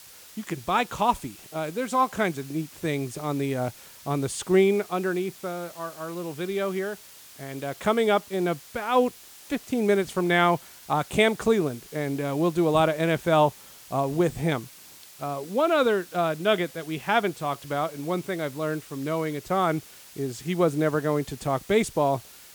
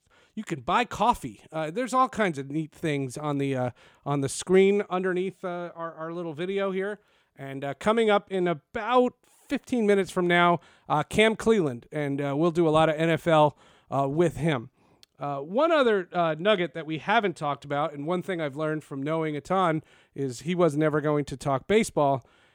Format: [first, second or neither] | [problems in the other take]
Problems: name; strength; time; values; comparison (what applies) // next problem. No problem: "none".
second | hiss; noticeable; throughout; 20 dB below the speech